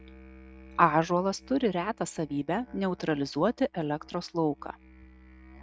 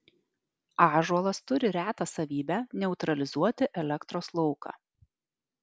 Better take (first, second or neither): second